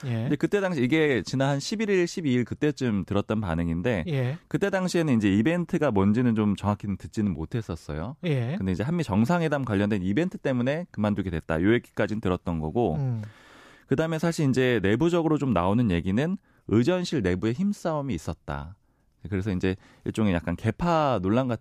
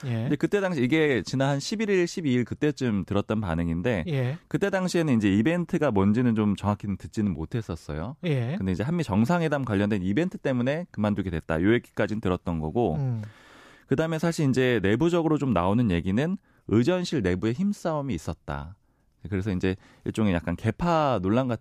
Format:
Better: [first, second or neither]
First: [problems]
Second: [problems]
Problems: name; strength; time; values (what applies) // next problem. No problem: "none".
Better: neither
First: none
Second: none